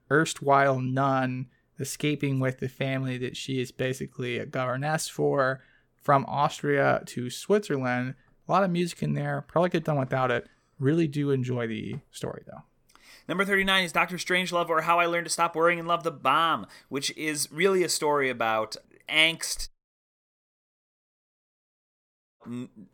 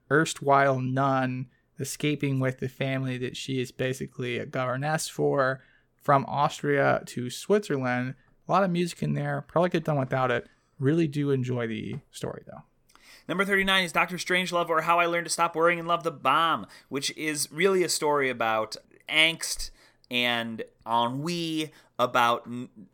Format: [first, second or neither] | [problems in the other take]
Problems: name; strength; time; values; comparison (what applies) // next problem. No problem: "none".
second | audio cutting out; at 20 s for 2.5 s